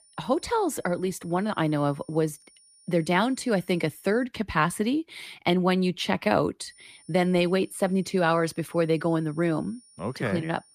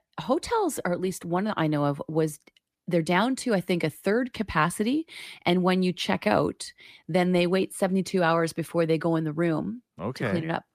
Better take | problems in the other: second | high-pitched whine; faint; until 4 s and from 6.5 s on; 9.5 kHz, 30 dB below the speech

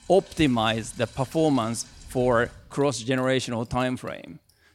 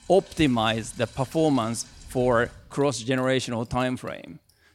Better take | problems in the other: neither | rain or running water; faint; throughout; 20 dB below the speech; the same in both

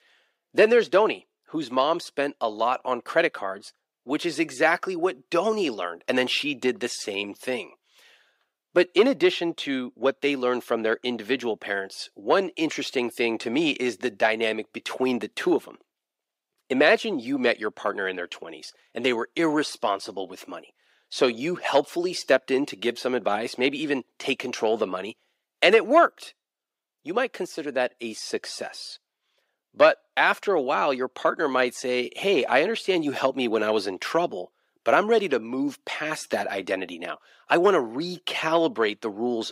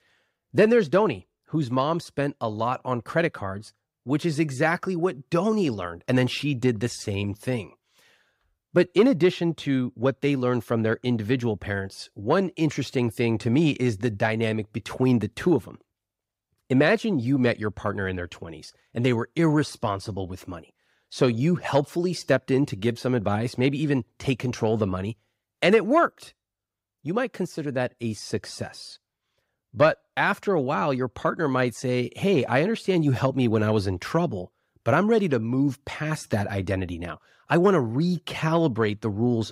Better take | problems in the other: second | thin; somewhat; fading below 300 Hz

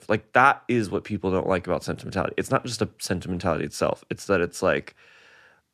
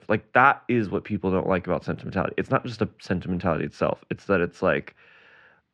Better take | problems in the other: first | muffled; slightly; fading above 2.5 kHz

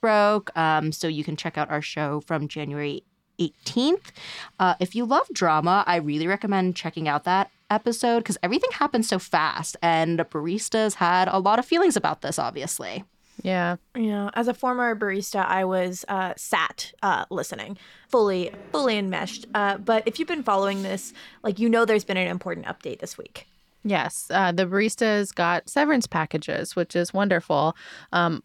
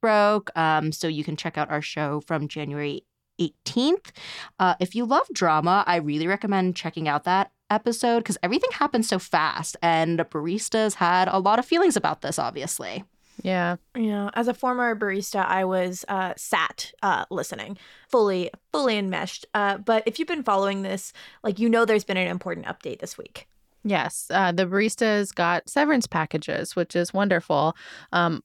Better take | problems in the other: second | traffic noise; faint; throughout; 30 dB below the speech

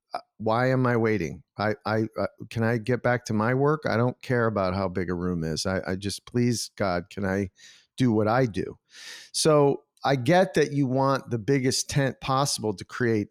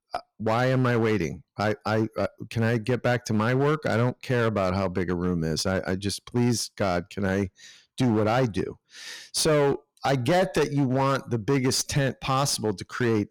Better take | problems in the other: first | distortion; slight; 12% of the sound clipped

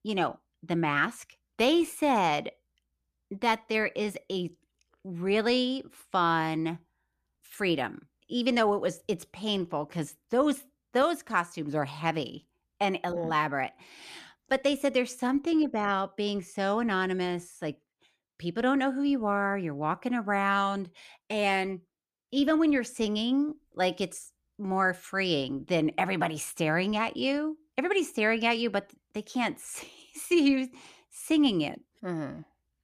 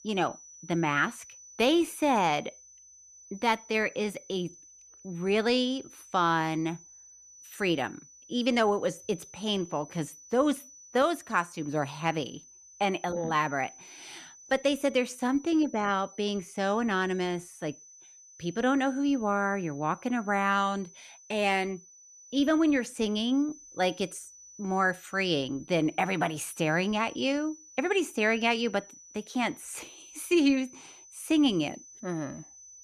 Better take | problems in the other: first | high-pitched whine; faint; throughout; 6 kHz, 20 dB below the speech

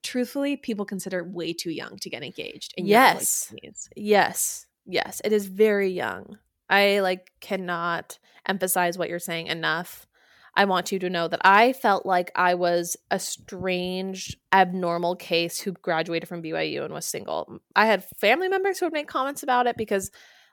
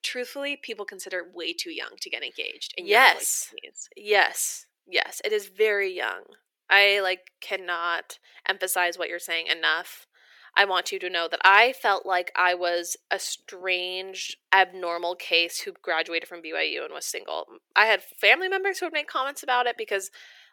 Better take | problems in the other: first | thin; very; fading below 400 Hz

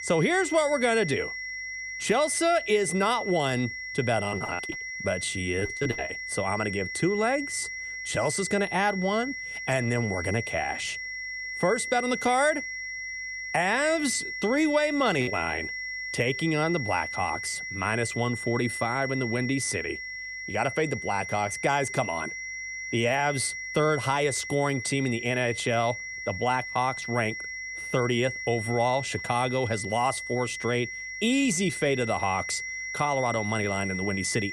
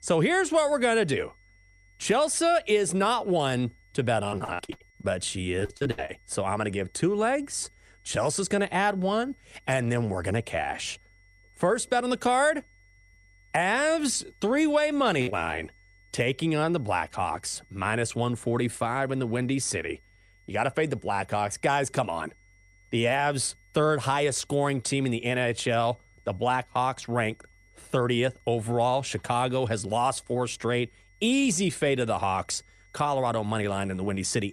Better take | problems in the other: second | high-pitched whine; loud; throughout; 2 kHz, 6 dB below the speech; faint in the second

